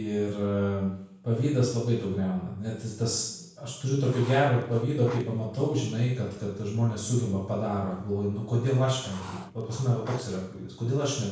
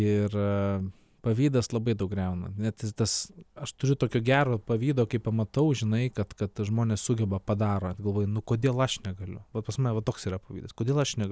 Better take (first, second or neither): second